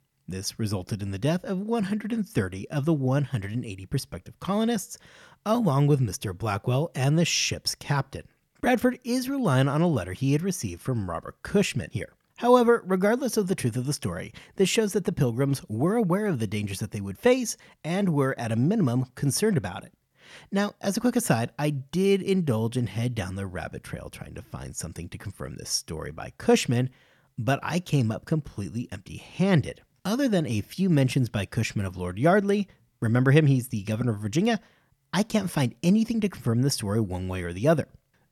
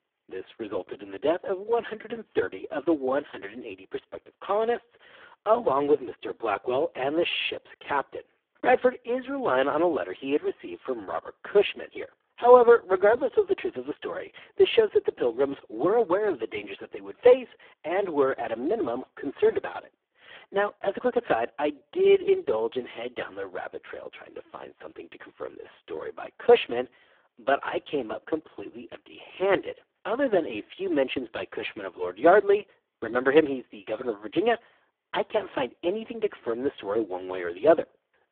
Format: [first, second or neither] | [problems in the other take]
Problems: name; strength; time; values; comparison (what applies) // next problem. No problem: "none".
first | phone-call audio; poor line